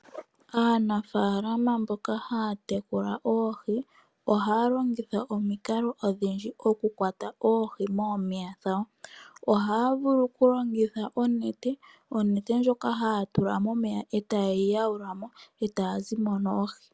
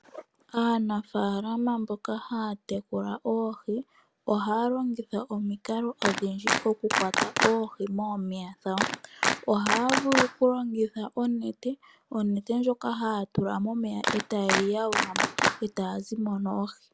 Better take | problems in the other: first | background sound (Clapping); as loud as the speech

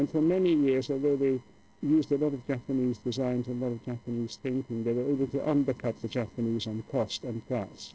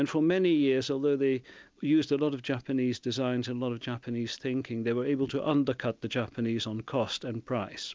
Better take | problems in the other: second | noise reduction (neural separator model SepFormer DNS4)

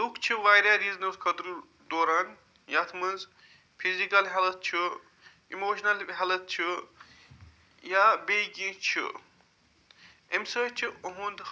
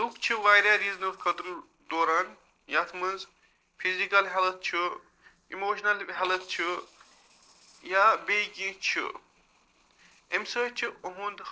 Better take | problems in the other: first | noise reduction (neural separator model SepFormer DNS4)

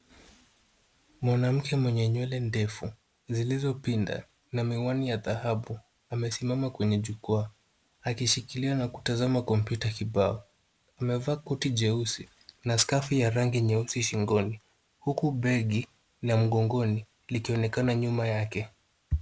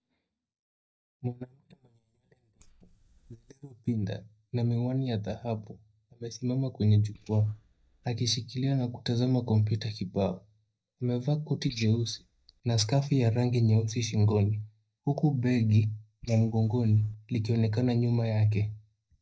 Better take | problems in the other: first | noise reduction (neural mask model DeepFilterNet 3)

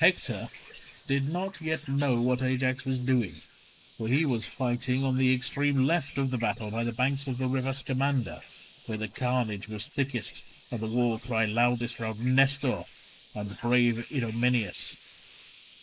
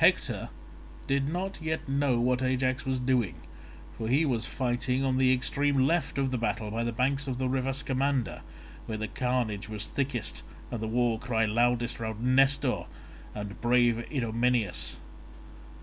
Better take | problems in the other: second | noise reduction (neural mask model Resemble Enhance denoiser)

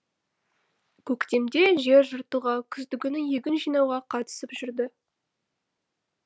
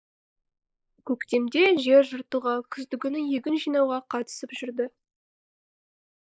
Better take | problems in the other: first | noise reduction (neural mask model Resemble Enhance denoiser)

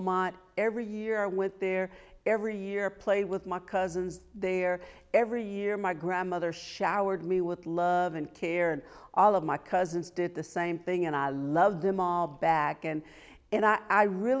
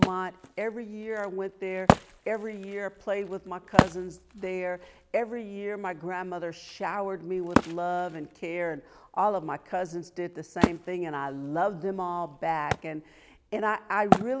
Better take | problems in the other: first | background sound (Wood); as loud as the speech

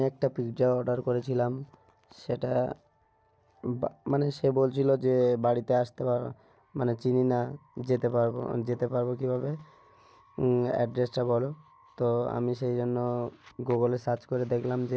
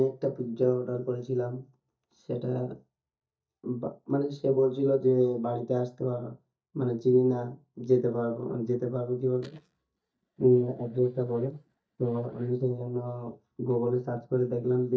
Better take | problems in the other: first | noise reduction (neural mask model DeepFilterNet 3)

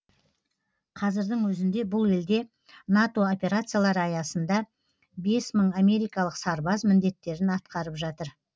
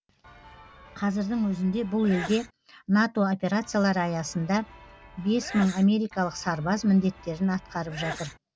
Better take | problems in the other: first | background sound (Sneeze / Church bell); 16 dB below the speech

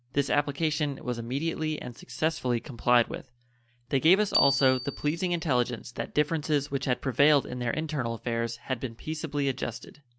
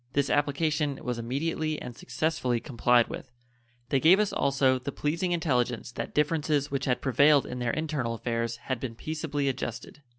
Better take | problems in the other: second | background sound (Bicycle bell); 8 dB below the speech

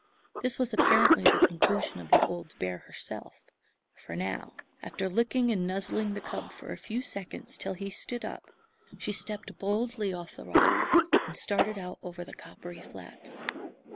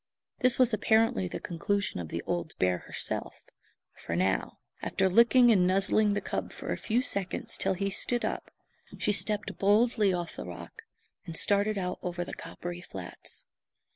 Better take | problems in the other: second | background sound (Cough); 2 dB above the speech

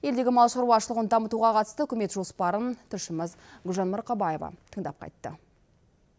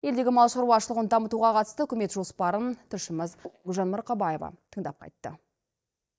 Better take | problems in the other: first | noise reduction (neural mask model DeepFilterNet 3)

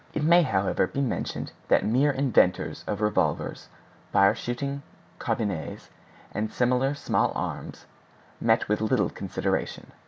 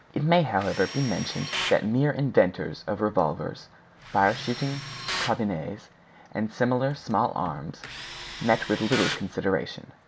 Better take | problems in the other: first | background sound (Tools); 11 dB below the speech

